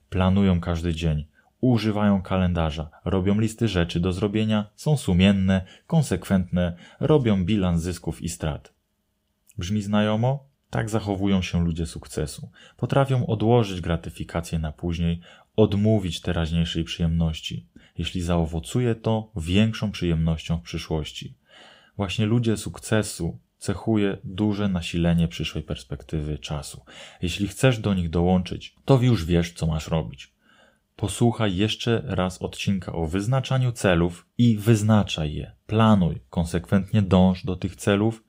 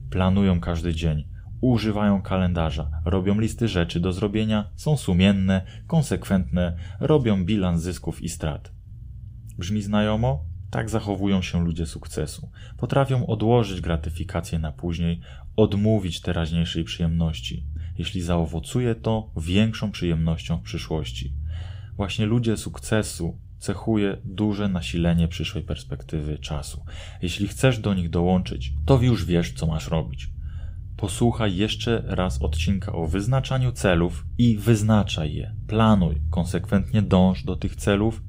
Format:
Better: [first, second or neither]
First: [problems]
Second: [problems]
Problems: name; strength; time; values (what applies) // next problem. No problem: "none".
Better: first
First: none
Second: low rumble; faint; throughout; 25 dB below the speech